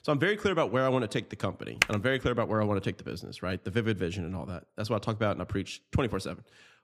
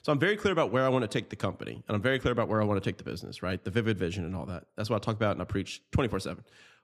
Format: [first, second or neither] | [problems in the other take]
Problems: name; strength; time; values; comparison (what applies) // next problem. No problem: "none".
second | keyboard typing; very faint; at 2 s; peak 2 dB above the speech